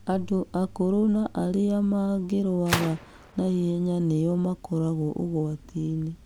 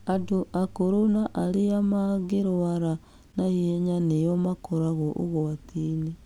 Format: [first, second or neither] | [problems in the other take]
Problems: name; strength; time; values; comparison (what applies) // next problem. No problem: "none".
second | background sound (Gunshot, gunfire); 12 dB below the speech